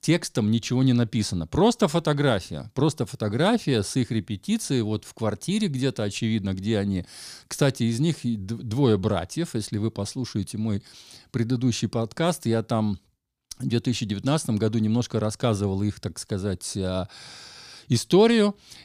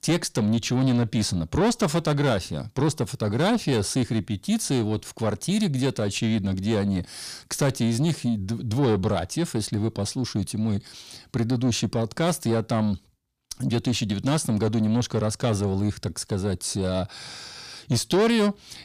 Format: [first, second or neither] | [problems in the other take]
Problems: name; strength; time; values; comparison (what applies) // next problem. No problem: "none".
first | distortion; slight; 10 dB below the speech